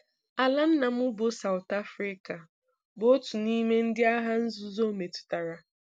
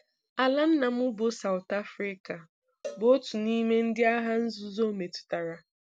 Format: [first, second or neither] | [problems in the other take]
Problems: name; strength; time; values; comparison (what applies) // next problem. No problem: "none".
first | background sound (Cowbell); 19 dB below the speech